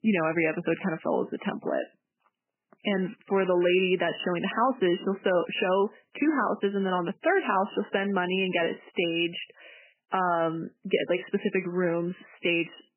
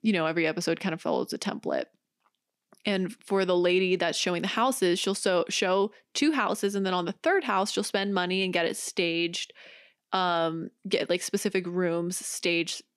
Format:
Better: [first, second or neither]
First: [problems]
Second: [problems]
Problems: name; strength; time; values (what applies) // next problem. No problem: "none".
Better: second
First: garbled, watery; badly; nothing above 3 kHz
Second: none